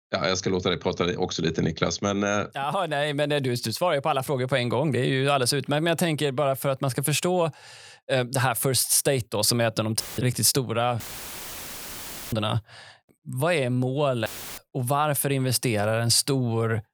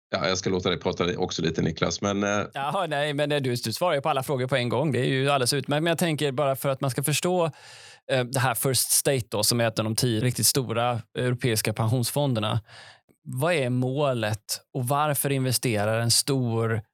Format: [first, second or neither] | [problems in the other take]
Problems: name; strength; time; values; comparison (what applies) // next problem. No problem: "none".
second | audio cutting out; filled with static; at 10 s, at 11 s for 1.5 s and at 14 s